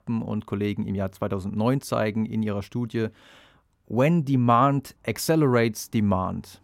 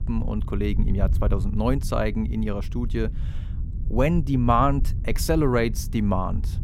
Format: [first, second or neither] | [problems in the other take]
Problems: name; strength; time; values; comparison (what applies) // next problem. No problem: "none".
first | low rumble; noticeable; throughout; 20 dB below the speech